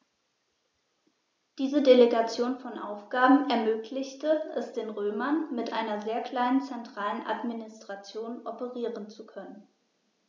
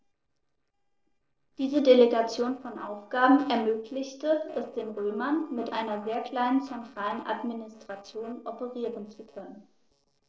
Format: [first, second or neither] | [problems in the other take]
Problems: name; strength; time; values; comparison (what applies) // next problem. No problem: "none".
first | noise reduction (neural separator model SepFormer DNS4)